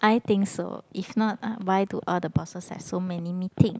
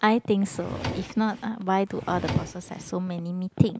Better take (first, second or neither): first